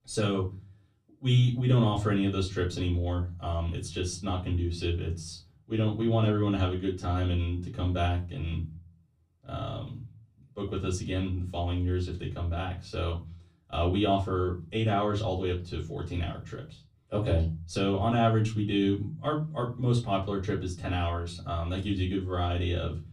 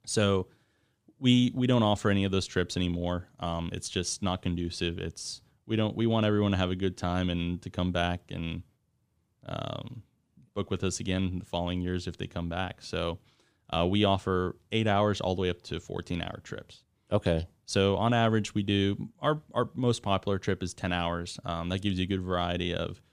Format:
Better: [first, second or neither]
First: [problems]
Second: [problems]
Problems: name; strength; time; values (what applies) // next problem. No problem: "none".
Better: second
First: off-mic speech; far // room echo; very slight; dies away in 0.5 s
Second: none